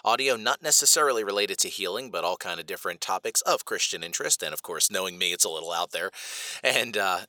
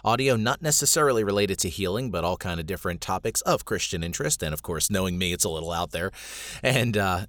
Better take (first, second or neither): second